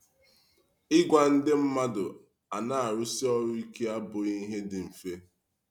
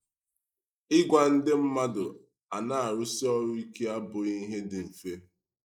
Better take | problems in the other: first | noise reduction (neural mask model Resemble Enhance denoiser)

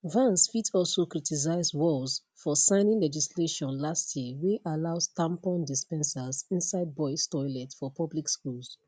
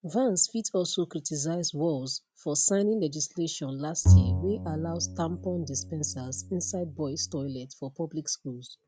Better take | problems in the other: first | background sound (Bowed string instrument); 3 dB above the speech

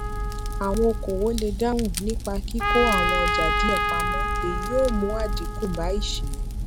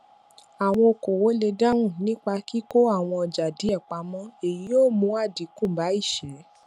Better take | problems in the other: second | background sound (Trumpet + Fire); 2 dB above the speech

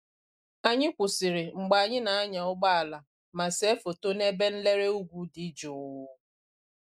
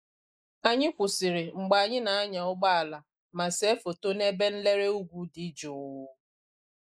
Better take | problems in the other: first | noise reduction (neural mask model Resemble Enhance denoiser)

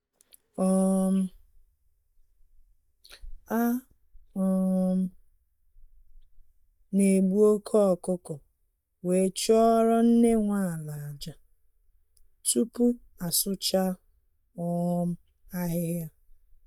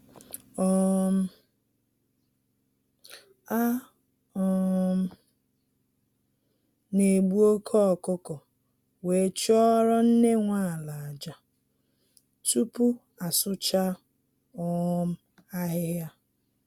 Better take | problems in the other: second | noise reduction (neural mask model DeepFilterNet 3)

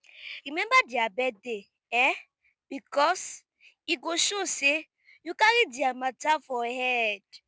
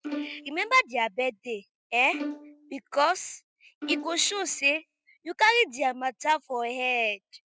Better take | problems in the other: first | noise reduction (classical method spectral subtraction)

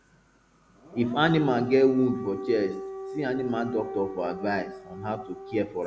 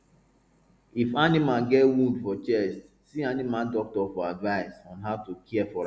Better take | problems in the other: second | background sound (Siren / Dog); 11 dB below the speech

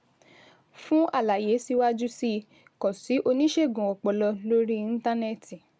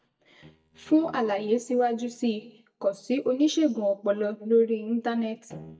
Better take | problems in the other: first | noise reduction (neural mask model DeepFilterNet 3)

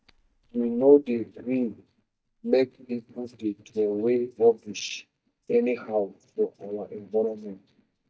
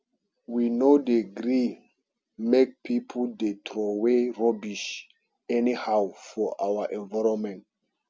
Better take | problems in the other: second | noise reduction (neural mask model DeepFilterNet 3)

